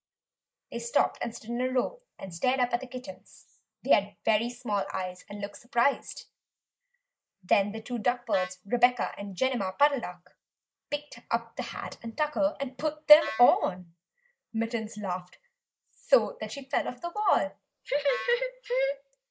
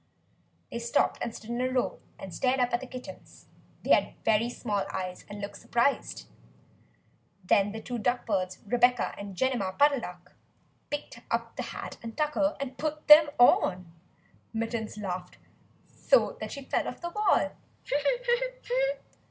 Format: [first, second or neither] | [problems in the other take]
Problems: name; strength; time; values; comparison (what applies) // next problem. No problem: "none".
second | noise reduction (neural mask model Resemble Enhance denoiser)